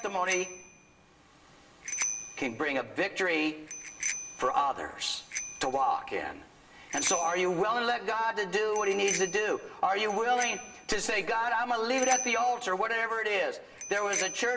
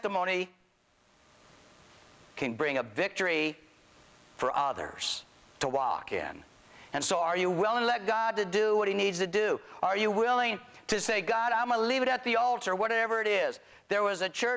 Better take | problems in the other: second | background sound (Bicycle bell); 10 dB below the speech // room echo; dies away in 0.8 s

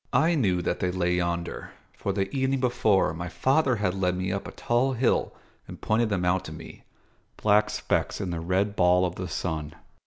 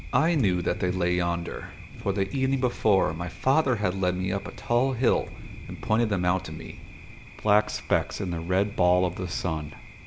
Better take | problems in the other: first | background sound (Thunder); 14 dB below the speech

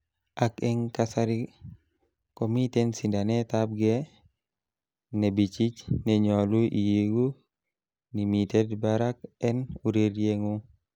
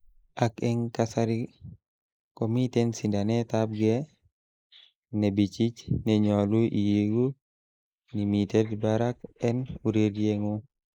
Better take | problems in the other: first | noise reduction (neural mask model Resemble Enhance denoiser)

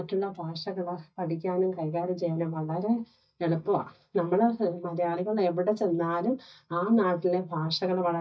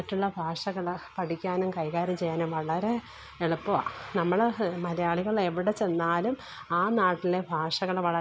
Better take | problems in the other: second | noise reduction (neural mask model DeepFilterNet 3)

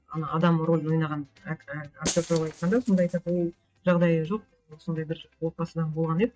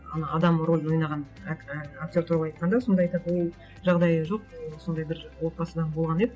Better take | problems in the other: second | noise reduction (neural mask model RNNoise)

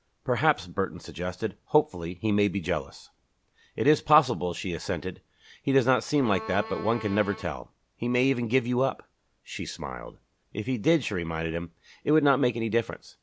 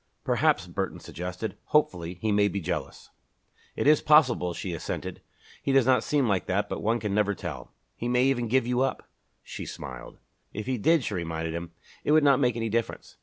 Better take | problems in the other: second | background sound (Bowed string instrument); 11 dB below the speech

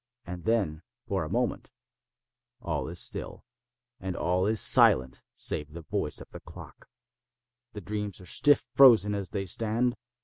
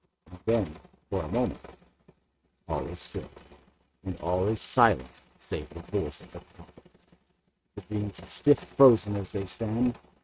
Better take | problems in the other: first | noise reduction (neural mask model RNNoise)

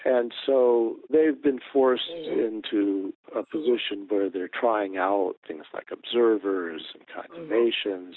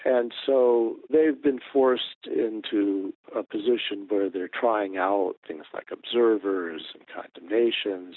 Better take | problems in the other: second | noise reduction (neural mask model Resemble Enhance denoiser)

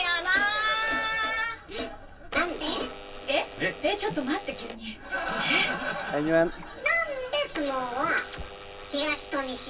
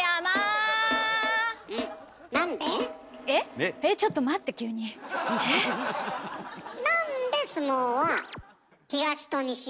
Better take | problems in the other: second | background sound (Alarm / Door); 7 dB below the speech // room echo; dies away in 0.1 s

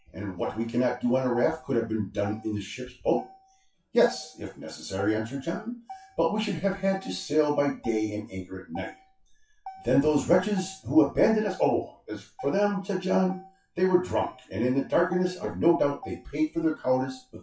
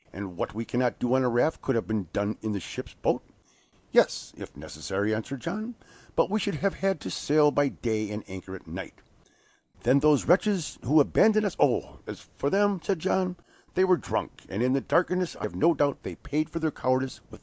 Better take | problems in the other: second | noise reduction (classical method WPE with log-MMSE)

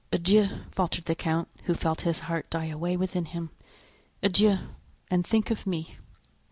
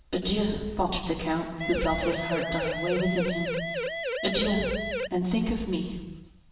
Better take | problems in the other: first | background sound (Siren); 2 dB below the speech // room echo; dies away in 1.2 s

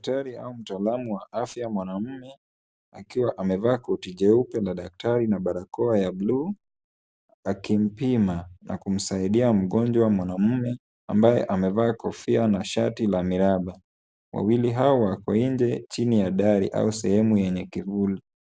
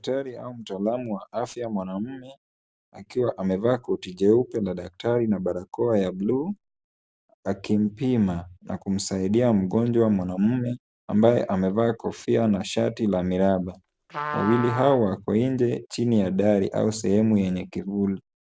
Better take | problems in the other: first | background sound (Trumpet); 11 dB below the speech

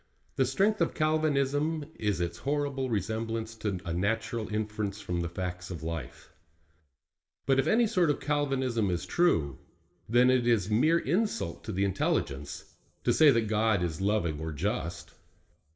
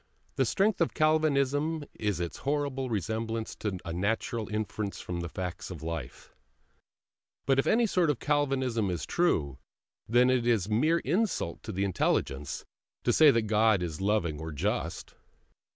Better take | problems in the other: second | room echo; dies away in 0.7 s

